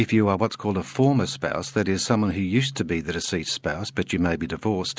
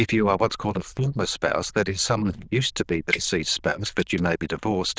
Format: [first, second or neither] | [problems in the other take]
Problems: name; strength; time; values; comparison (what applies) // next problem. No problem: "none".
first | noise reduction (neural diffusion model UNIVERSE++)